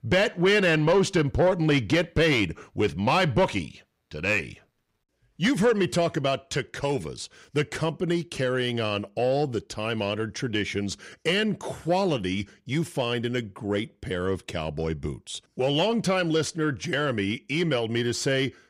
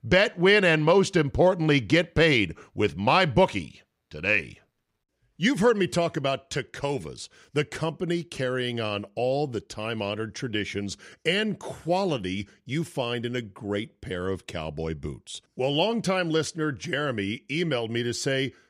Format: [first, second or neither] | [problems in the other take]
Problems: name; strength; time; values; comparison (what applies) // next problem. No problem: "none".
second | distortion; slight; 10 dB below the speech